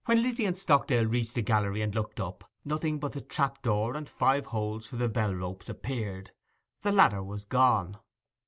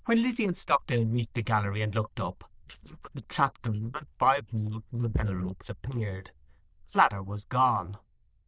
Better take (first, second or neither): first